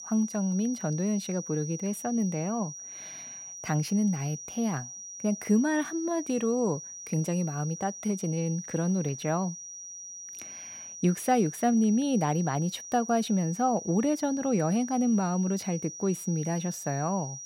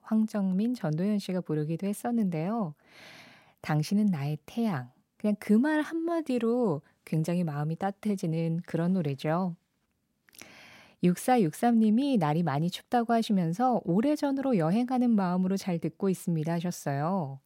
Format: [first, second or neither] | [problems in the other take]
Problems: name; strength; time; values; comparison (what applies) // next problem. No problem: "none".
second | high-pitched whine; noticeable; throughout; 6 kHz, 10 dB below the speech